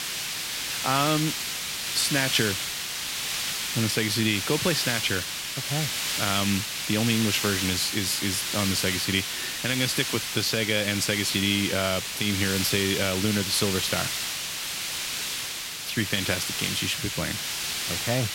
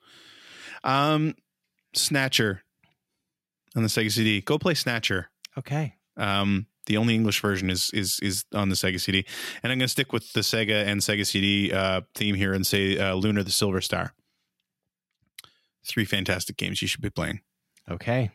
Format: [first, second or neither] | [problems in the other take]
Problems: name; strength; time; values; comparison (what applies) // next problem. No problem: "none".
second | hiss; loud; throughout; 1 dB below the speech